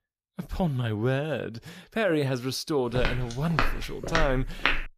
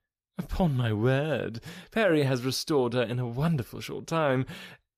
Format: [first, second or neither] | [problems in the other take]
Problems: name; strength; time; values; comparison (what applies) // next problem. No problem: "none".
second | footsteps; loud; from 3 s on; peak 2 dB above the speech